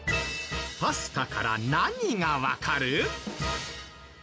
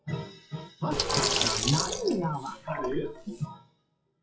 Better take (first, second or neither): first